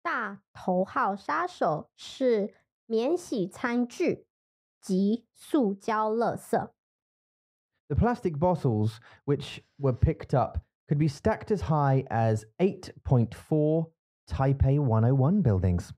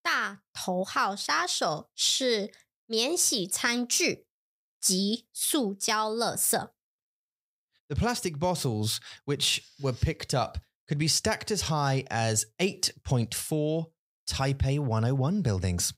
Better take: second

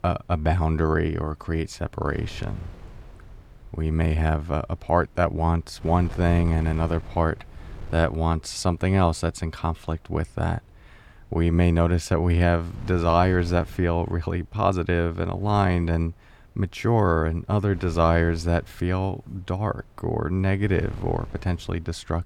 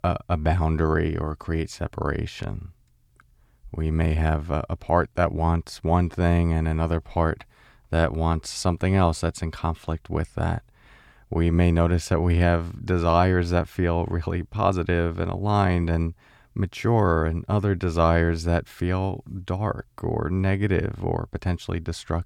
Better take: second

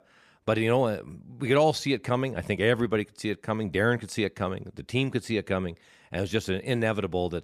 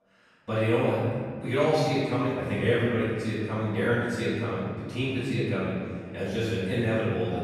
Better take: first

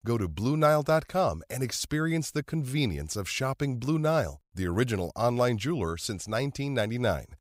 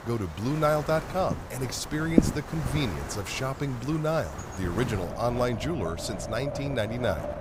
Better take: first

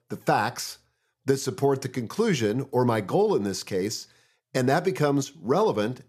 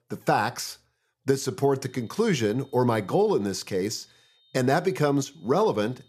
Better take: first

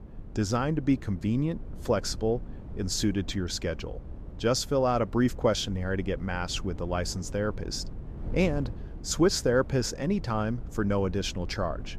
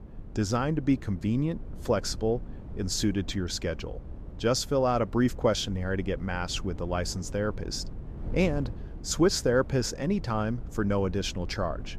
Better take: neither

